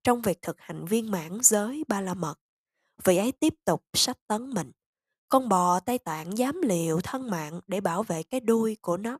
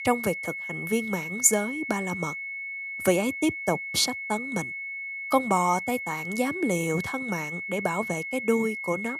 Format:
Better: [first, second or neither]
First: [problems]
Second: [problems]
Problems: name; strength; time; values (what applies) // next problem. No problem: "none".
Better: first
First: none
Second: high-pitched whine; loud; throughout; 2 kHz, 5 dB below the speech